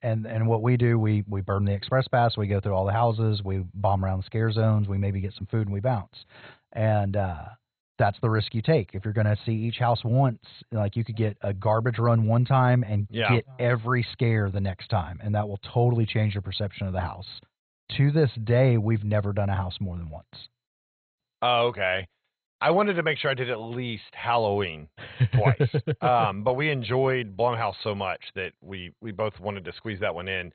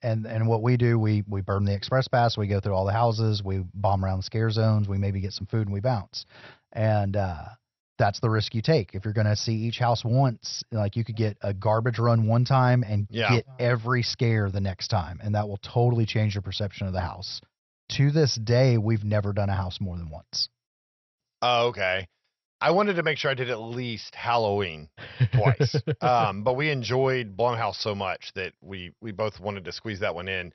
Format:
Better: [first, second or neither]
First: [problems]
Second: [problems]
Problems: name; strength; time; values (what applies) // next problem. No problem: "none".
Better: second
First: garbled, watery; badly; nothing above 4 kHz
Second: garbled, watery; slightly; nothing above 6 kHz